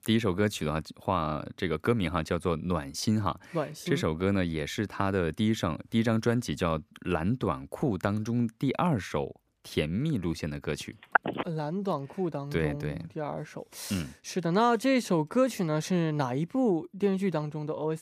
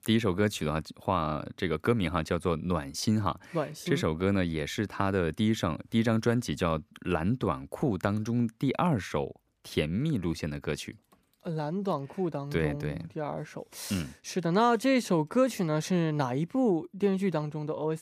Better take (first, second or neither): second